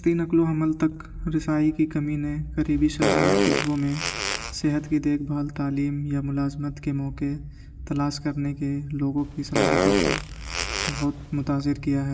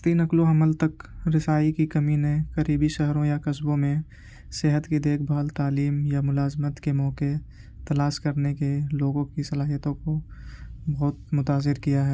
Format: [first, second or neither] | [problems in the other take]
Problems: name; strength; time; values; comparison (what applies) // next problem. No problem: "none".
second | background sound (Fart); as loud as the speech // room echo; dies away in 1.8 s